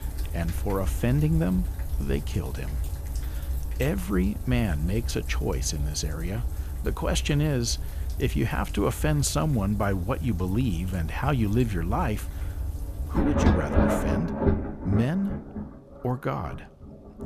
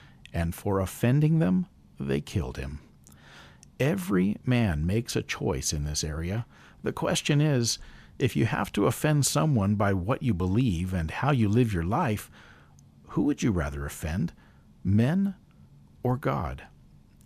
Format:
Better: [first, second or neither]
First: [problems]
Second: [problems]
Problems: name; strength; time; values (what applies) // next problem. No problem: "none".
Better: second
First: rain or running water; loud; throughout; 3 dB below the speech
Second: none